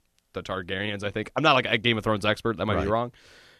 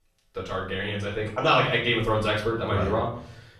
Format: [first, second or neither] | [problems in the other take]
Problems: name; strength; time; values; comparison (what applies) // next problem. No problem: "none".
first | off-mic speech; far // room echo; slight; dies away in 0.6 s